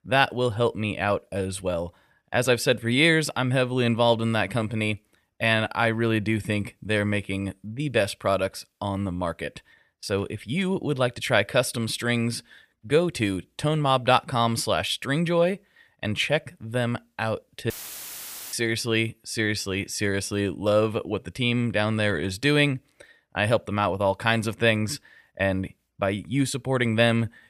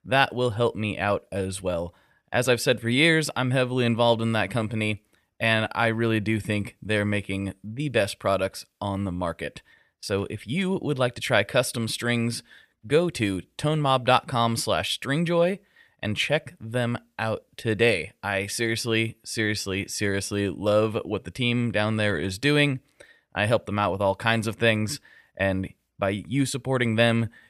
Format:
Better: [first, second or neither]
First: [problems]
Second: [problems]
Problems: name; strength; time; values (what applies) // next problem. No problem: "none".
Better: second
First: audio cutting out; filled with static; at 18 s for 1 s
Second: none